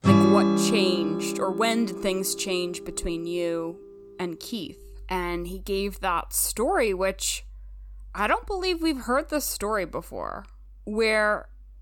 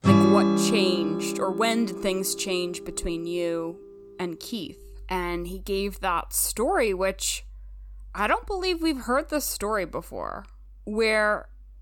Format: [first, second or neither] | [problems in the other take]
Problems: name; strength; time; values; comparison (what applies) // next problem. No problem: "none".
neither | background music; very loud; throughout; 1 dB above the speech; the same in both